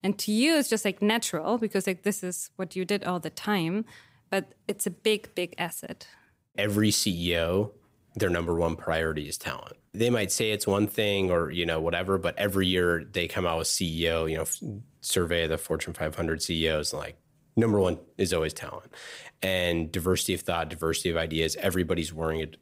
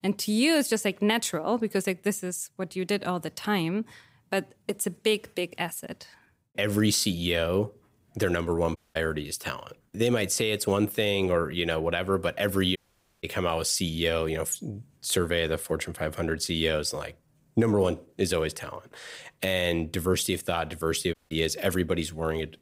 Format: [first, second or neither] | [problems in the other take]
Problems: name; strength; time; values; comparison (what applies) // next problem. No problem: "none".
first | audio cutting out; at 9 s, at 13 s and at 21 s